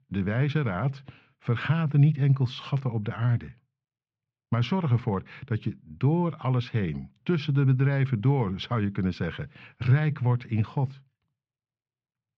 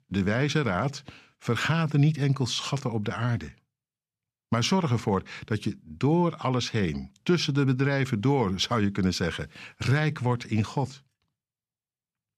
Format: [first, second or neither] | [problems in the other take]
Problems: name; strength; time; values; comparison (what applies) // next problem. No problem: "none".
second | muffled; slightly; fading above 3 kHz